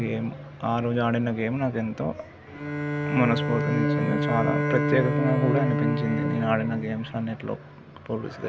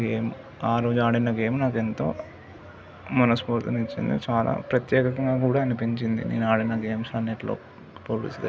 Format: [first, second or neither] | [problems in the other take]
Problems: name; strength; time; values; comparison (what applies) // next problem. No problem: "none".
second | background sound (Bowed string instrument); 1 dB below the speech